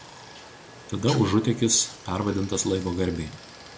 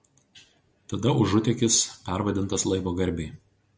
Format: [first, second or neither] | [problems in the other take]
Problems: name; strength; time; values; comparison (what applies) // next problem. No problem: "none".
second | background sound (Stream); 17 dB below the speech